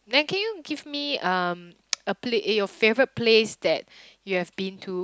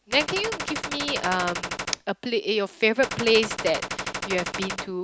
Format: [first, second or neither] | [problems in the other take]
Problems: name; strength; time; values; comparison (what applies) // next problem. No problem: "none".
first | background sound (Gunshot, gunfire); 5 dB below the speech